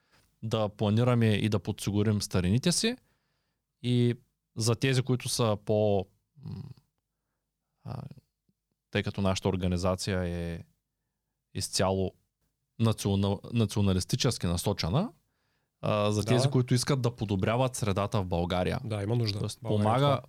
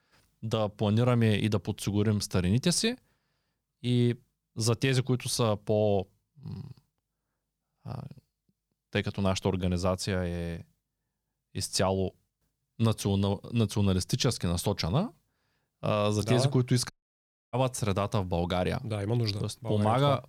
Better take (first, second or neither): first